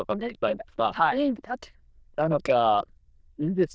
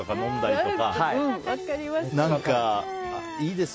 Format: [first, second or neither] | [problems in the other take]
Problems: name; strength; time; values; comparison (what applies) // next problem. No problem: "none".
second | noise reduction (neural diffusion model UNIVERSE++)